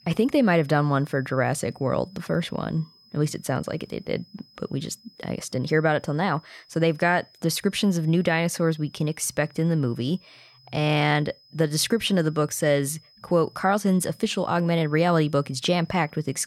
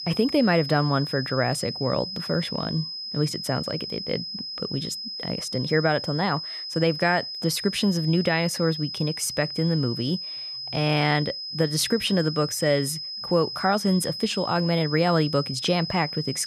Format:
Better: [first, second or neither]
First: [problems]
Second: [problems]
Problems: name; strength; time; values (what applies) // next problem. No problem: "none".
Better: first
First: high-pitched whine; faint; throughout; 5 kHz, 30 dB below the speech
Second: high-pitched whine; loud; throughout; 5 kHz, 6 dB below the speech